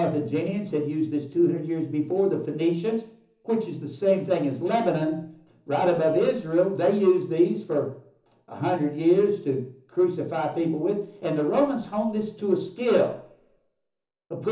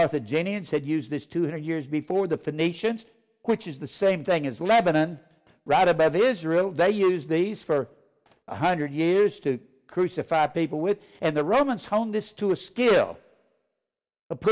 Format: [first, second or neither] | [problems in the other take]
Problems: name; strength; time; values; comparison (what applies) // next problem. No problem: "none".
second | room echo; dies away in 0.7 s